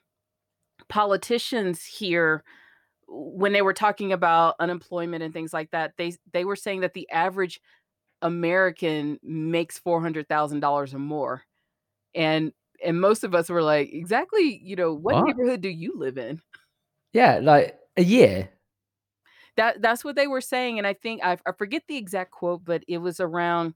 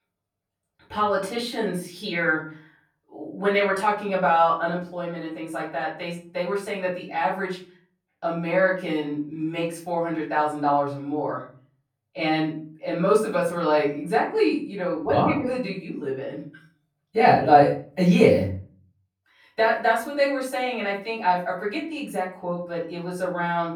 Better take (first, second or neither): first